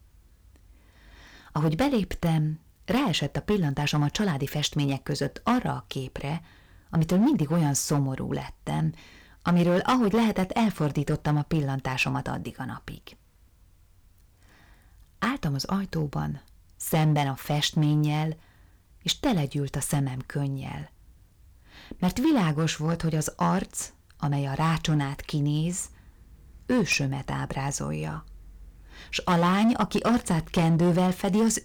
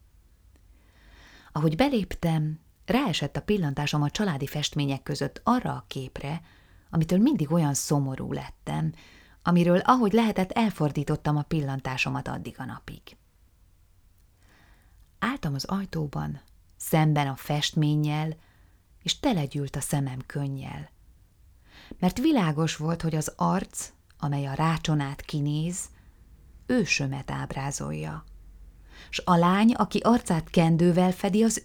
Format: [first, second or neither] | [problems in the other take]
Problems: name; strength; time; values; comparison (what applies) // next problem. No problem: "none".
second | distortion; slight; 5% of the sound clipped